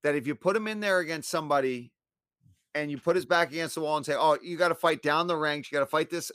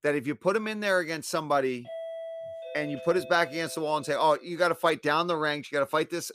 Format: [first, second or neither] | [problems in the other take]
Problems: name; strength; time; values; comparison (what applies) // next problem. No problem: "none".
first | doorbell; faint; from 2 to 4.5 s; peak 10 dB below the speech